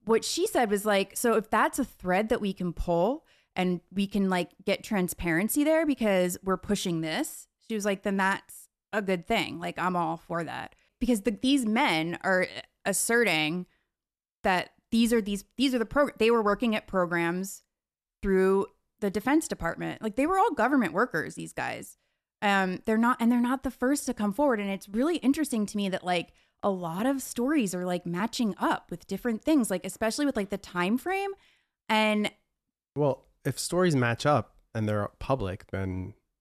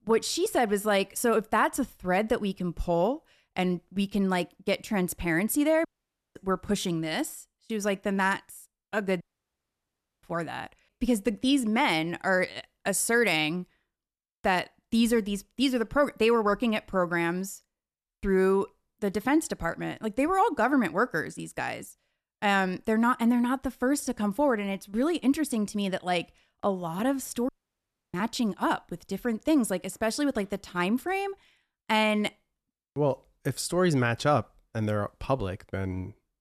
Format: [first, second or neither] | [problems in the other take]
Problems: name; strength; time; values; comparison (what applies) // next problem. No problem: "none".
first | audio cutting out; at 6 s for 0.5 s, at 9 s for 1 s and at 27 s for 0.5 s